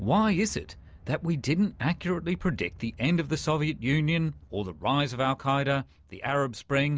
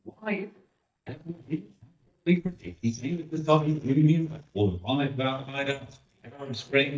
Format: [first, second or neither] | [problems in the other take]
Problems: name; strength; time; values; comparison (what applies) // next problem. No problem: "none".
first | noise reduction (neural mask model DeepFilterNet 3)